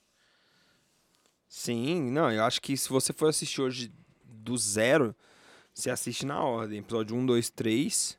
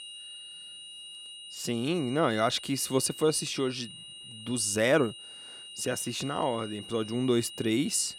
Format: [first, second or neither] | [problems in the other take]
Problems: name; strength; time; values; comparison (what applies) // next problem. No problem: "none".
first | high-pitched whine; noticeable; throughout; 3 kHz, 15 dB below the speech